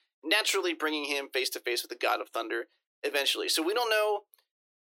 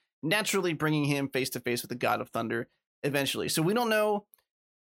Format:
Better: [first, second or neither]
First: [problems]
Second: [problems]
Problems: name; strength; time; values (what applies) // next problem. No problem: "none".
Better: second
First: thin; very; fading below 300 Hz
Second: none